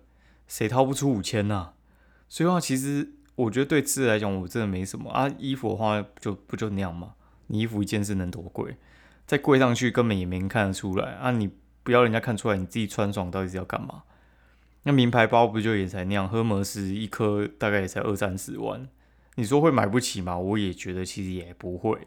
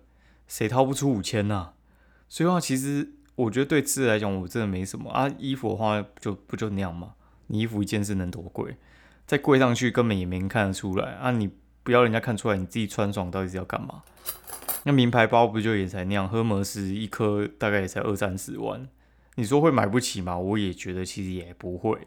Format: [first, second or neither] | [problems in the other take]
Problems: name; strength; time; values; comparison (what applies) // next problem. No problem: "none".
first | clattering dishes; noticeable; at 14 s; peak 5 dB below the speech